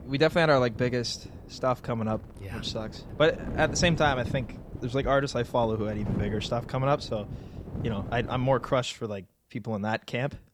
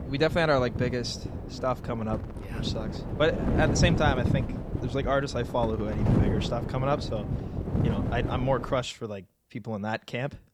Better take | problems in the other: first | wind noise on the microphone; heavy; until 9 s; 8 dB below the speech; occasional gusts in the first

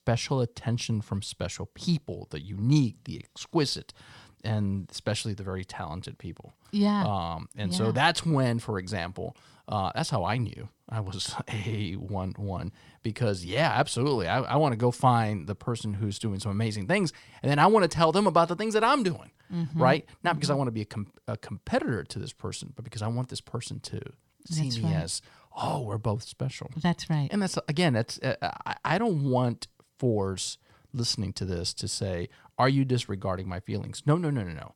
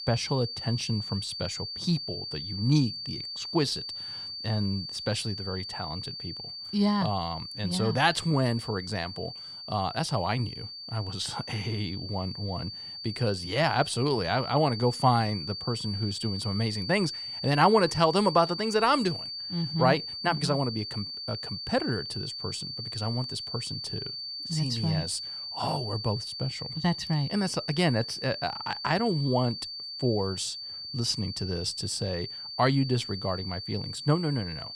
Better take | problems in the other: first | high-pitched whine; loud; throughout; 4.5 kHz, 6 dB below the speech

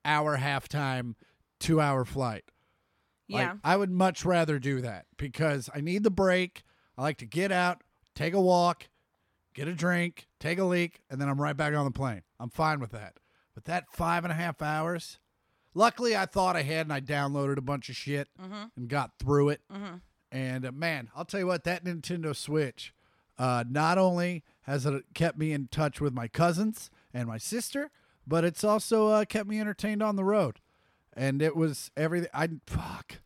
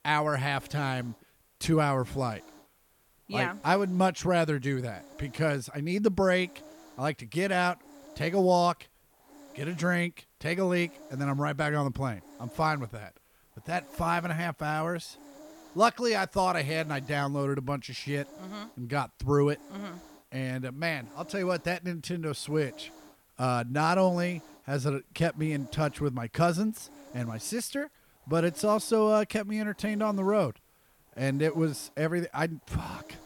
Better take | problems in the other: first | hiss; faint; throughout; 25 dB below the speech

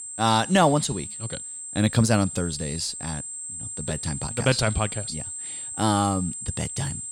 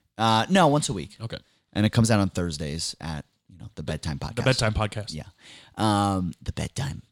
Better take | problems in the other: second | high-pitched whine; loud; throughout; 8 kHz, 7 dB below the speech

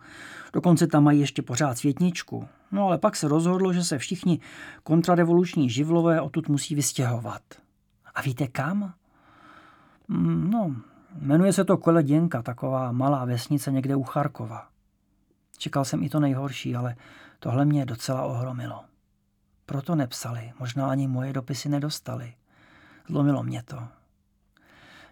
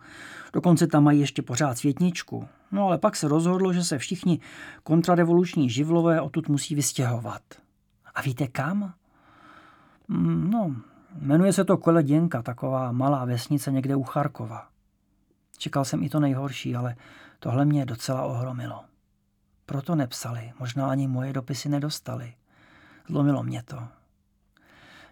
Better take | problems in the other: neither | none

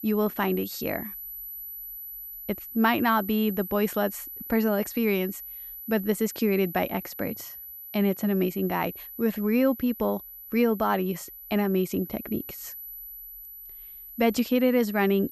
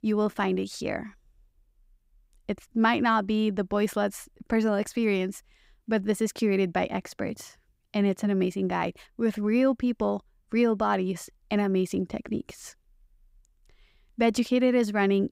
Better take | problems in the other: second | high-pitched whine; noticeable; throughout; 12 kHz, 10 dB below the speech

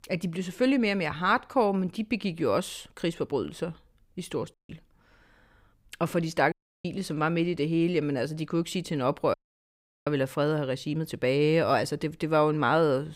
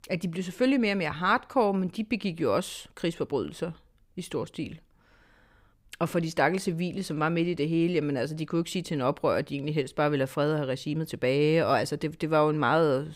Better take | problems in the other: second | audio cutting out; at 4.5 s, at 6.5 s and at 9.5 s for 0.5 s

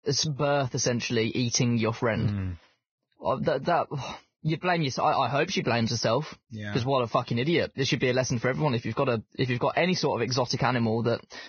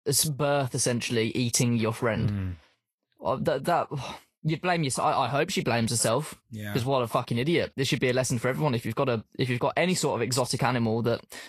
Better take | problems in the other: second | garbled, watery; badly; nothing above 6.5 kHz; slightly in the second

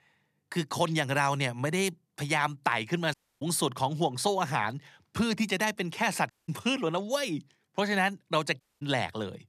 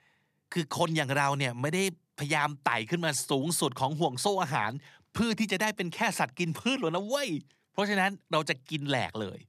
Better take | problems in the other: second | audio cutting out; at 3 s, at 6.5 s and at 8.5 s

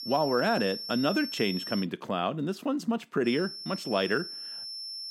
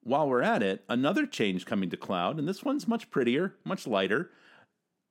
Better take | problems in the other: second | high-pitched whine; loud; until 2 s and from 3.5 s on; 5.5 kHz, 7 dB below the speech

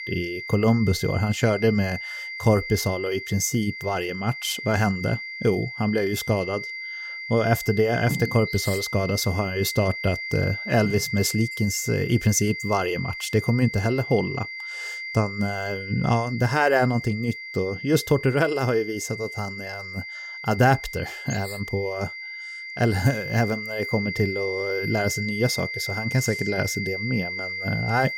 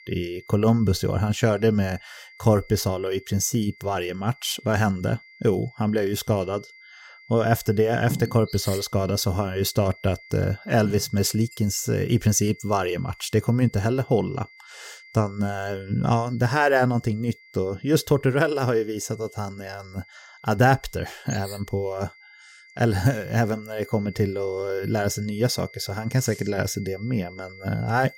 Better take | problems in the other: second | high-pitched whine; loud; throughout; 2 kHz, 7 dB below the speech; faint in the second

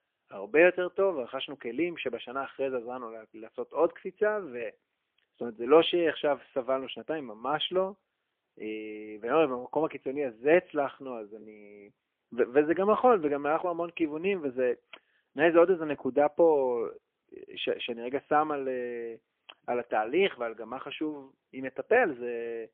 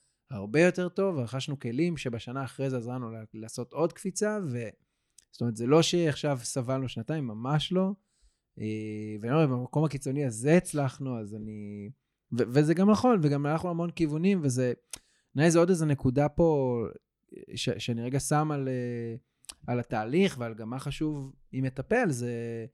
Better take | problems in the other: second | phone-call audio; poor line; nothing above 3.5 kHz

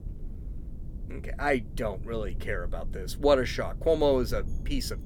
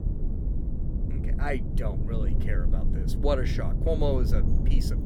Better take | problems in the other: first | low rumble; loud; throughout; 8 dB below the speech; faint in the first

